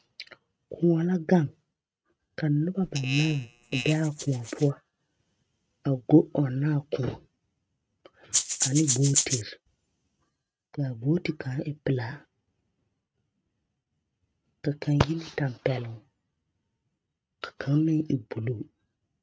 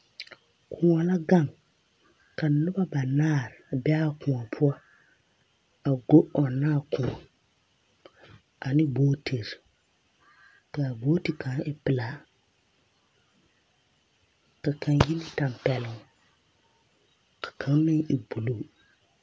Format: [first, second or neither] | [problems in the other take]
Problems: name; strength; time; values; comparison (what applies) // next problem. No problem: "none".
second | noise reduction (neural mask model RNNoise)